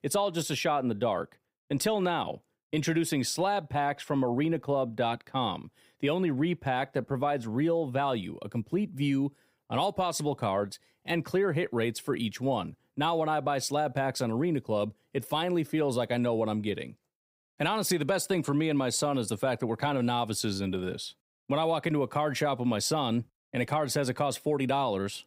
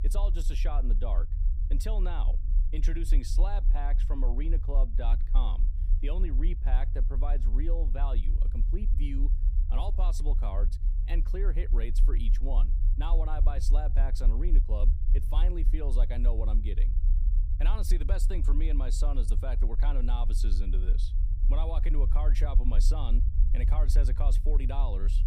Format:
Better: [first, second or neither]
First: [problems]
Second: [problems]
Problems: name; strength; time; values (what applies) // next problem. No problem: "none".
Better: first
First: none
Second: low rumble; loud; throughout; 10 dB below the speech